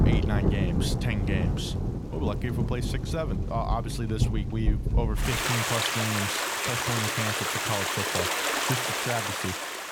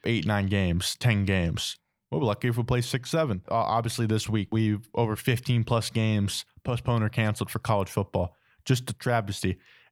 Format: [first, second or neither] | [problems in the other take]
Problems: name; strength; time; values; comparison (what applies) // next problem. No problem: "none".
second | rain or running water; very loud; throughout; 4 dB above the speech